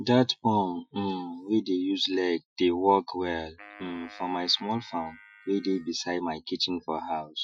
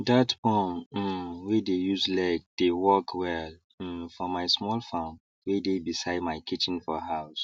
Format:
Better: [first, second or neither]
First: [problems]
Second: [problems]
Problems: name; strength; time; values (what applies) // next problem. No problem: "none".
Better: second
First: noise reduction (classical method Wiener filter)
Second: none